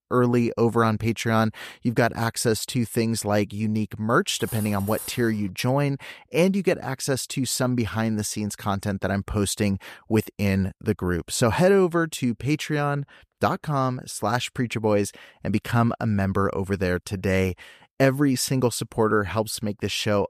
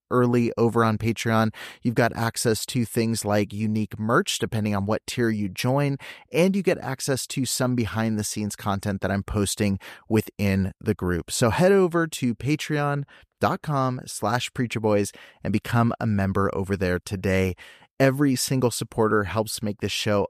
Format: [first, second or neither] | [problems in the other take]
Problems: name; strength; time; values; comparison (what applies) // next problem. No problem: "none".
second | clattering dishes; faint; at 4.5 s; peak 10 dB below the speech